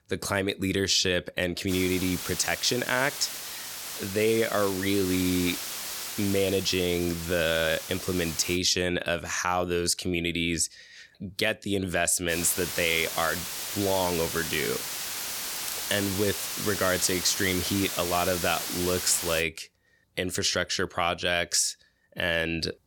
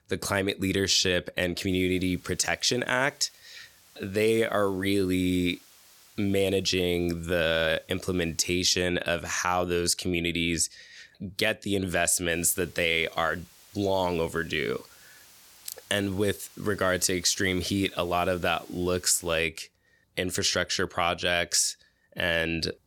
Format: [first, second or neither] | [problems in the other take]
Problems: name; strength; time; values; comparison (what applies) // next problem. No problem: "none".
second | hiss; loud; from 1.5 to 8.5 s and from 12 to 19 s; 5 dB below the speech; faint in the second